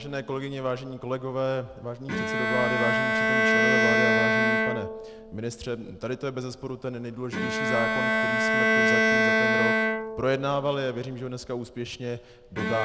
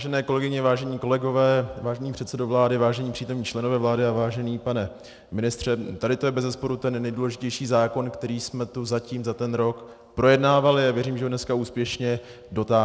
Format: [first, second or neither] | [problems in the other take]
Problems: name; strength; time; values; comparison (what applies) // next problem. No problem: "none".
second | background sound (Bowed string instrument); 5 dB above the speech